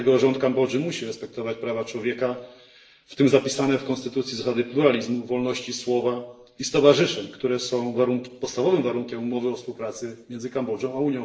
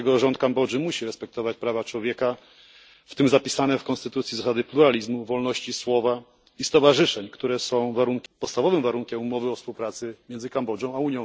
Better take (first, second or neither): second